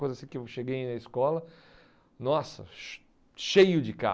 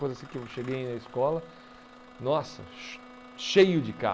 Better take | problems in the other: first | background sound (Bowed string instrument + Engine starting / Bus); 19 dB below the speech

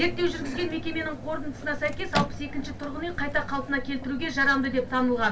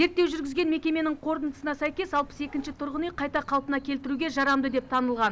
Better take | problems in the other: second | background sound (Microwave oven); 11 dB below the speech // room echo; dies away in 0.2 s

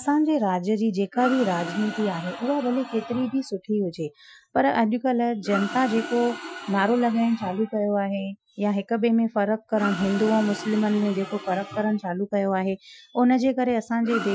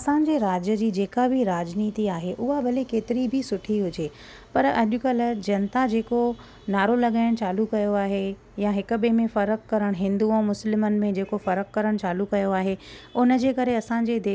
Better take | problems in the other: second | noise reduction (classical method Wiener filter)

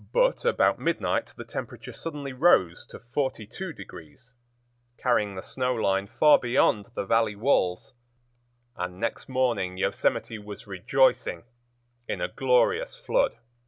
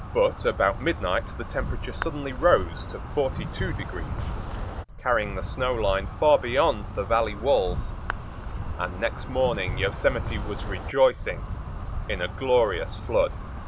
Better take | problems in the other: first | background sound (Insect); 6 dB below the speech

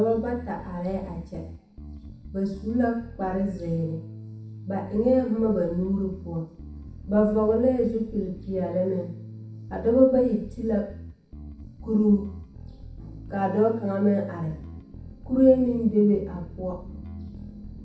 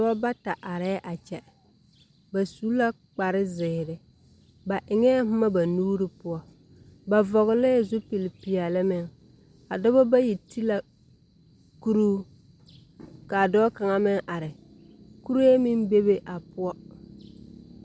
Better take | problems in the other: second | background sound (Bass guitar); 15 dB below the speech // room echo; dies away in 0.7 s

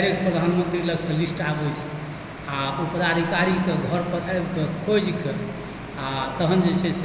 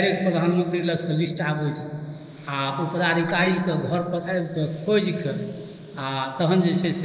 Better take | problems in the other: first | noise reduction (neural mask model Resemble Enhance denoiser)

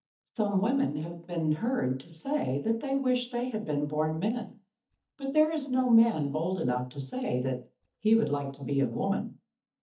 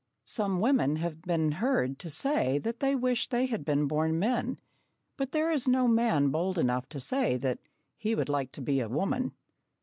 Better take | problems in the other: second | noise reduction (neural mask model DeepFilterNet 3)

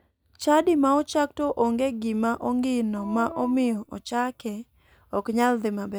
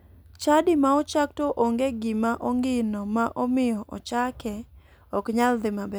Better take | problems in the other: second | noise reduction (neural mask model DeepFilterNet 3)

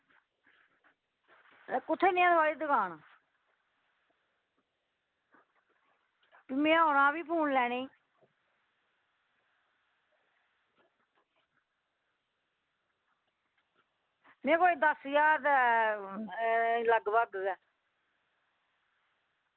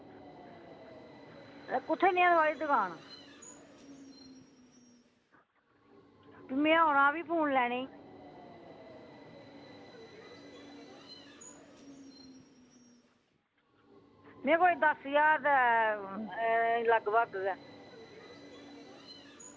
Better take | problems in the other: first | background sound (Subway, metro, underground); 19 dB below the speech

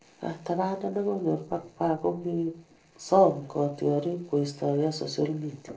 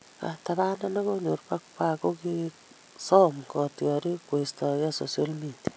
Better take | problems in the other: second | noise reduction (neural separator model SepFormer DNS4)

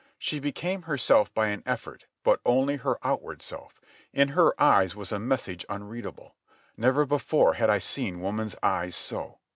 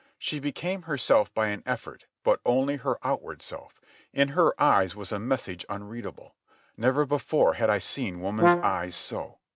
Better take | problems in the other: first | noise reduction (neural mask model RNNoise)

